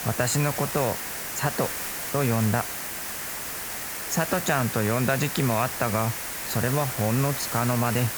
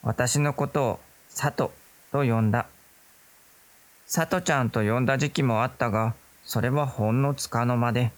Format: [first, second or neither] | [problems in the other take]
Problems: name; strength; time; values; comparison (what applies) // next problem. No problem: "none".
second | hiss; loud; throughout; 4 dB below the speech; faint in the second